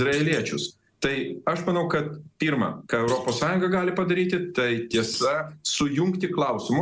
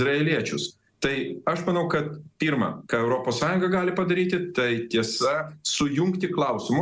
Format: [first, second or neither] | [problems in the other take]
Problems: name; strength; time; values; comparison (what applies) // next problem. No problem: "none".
second | background sound (Thump, thud); 20 dB below the speech